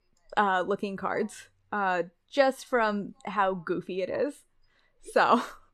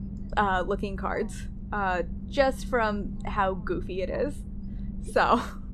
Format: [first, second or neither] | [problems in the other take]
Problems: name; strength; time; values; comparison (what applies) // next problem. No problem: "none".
first | low rumble; faint; throughout; 20 dB below the speech